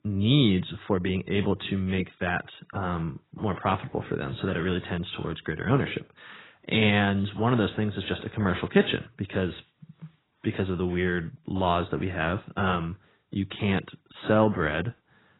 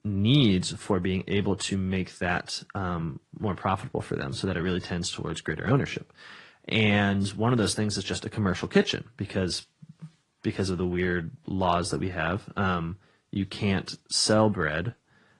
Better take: second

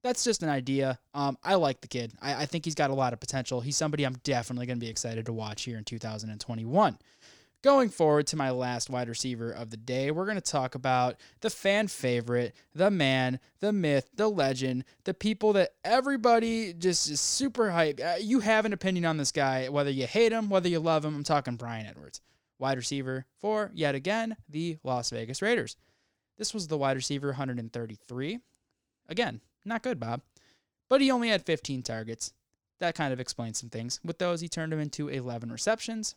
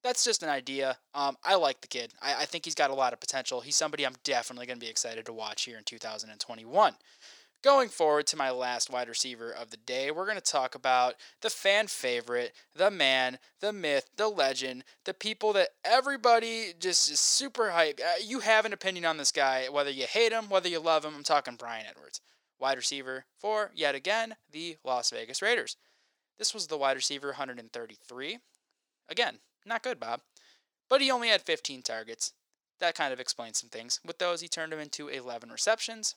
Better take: first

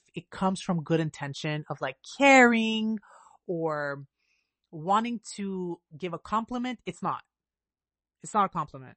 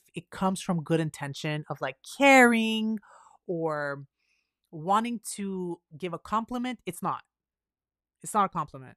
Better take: second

